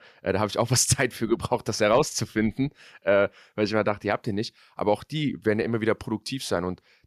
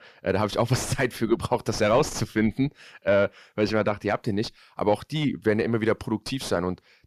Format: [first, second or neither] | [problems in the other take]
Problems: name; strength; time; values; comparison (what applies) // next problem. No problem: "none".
first | distortion; slight; 8 dB below the speech